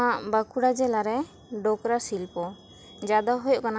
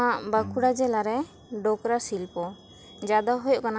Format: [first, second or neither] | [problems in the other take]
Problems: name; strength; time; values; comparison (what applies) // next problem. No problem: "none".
first | background sound (Bowed string instrument); 18 dB below the speech